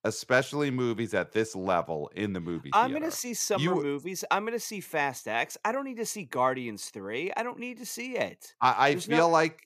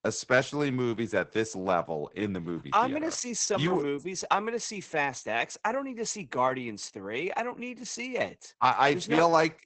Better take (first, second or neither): first